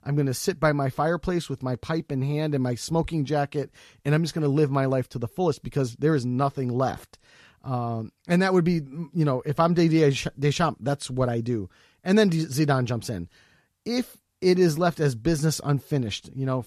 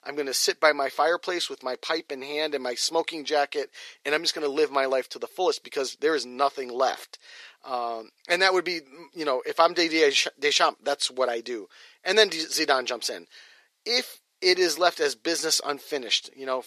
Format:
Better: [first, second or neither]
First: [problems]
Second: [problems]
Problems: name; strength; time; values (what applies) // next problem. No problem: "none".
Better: first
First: none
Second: thin; very; fading below 400 Hz